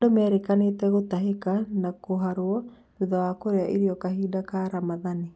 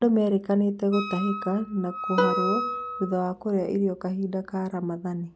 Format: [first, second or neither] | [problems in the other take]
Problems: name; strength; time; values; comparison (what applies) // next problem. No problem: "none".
first | background sound (Wind instrument, woodwind instrument + Plucked string instrument); 5 dB below the speech